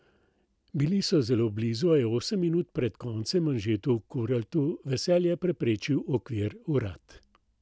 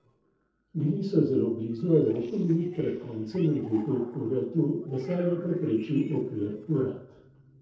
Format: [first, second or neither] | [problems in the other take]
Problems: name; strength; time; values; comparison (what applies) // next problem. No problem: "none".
first | noise reduction (neural separator model SepFormer DNS4)